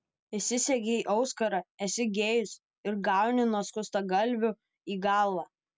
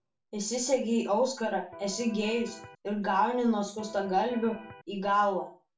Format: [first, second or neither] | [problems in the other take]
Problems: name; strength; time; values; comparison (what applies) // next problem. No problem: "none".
first | background sound (Electric guitar); 17 dB below the speech // room echo; dies away in 0.3 s